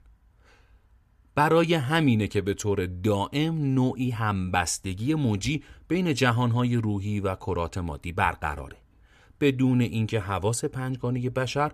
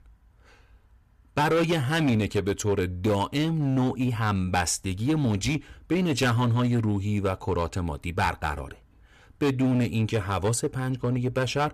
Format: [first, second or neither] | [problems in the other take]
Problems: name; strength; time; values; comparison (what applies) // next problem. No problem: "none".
first | distortion; slight; 9% of the sound clipped